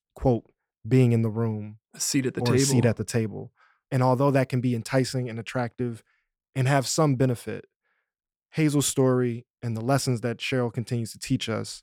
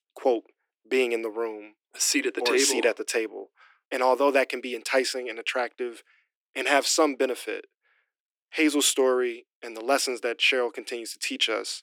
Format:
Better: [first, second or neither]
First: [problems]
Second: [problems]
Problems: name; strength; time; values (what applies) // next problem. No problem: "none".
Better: first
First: none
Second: thin; somewhat; fading below 300 Hz